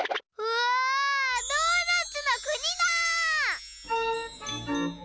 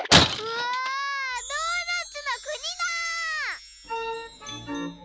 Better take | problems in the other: first | background sound (Shatter); 5 dB above the speech

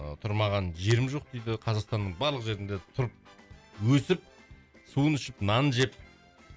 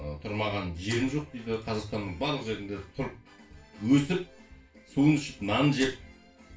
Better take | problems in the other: first | room echo; dies away in 0.3 s

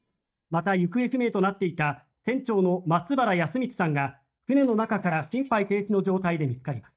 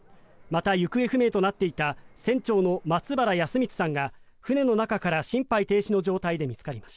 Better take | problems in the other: second | noise reduction (neural mask model DeepFilterNet 3)

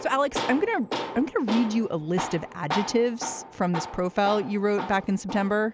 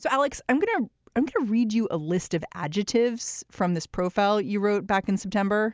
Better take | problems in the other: second | background sound (Tools); 9 dB below the speech

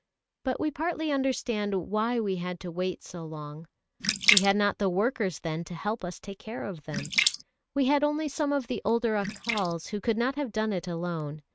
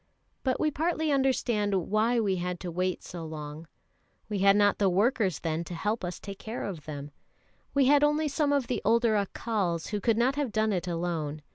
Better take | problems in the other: second | noise reduction (neural mask model RNNoise)

